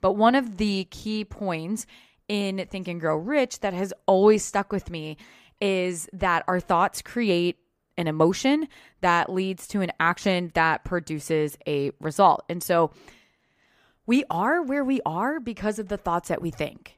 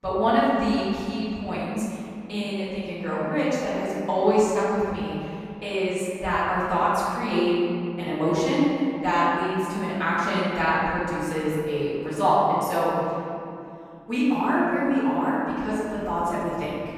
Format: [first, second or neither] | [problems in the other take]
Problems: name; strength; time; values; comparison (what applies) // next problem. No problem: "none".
first | room echo; strong; dies away in 2.5 s // off-mic speech; far